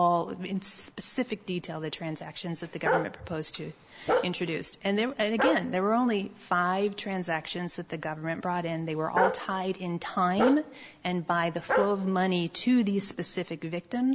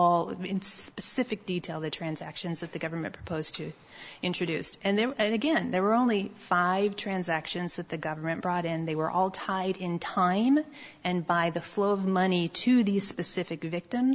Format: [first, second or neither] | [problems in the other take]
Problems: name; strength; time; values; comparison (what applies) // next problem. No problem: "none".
second | background sound (Bark); 3 dB below the speech